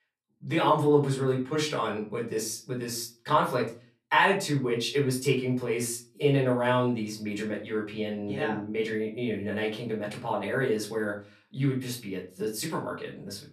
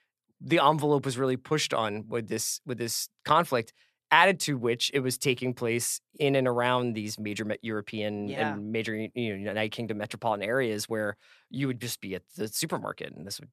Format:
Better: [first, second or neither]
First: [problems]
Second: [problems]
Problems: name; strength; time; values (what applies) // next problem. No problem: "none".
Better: second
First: off-mic speech; far // room echo; slight; dies away in 0.3 s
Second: none